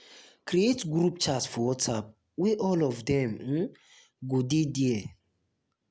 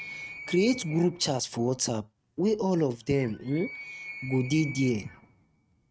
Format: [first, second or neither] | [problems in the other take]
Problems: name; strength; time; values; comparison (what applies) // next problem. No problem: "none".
first | noise reduction (neural mask model RNNoise)